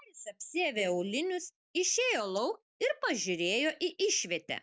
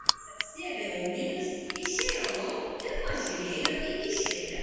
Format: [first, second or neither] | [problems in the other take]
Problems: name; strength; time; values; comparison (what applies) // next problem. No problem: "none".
first | background sound (Crushing); 3 dB below the speech // room echo; dies away in 2.1 s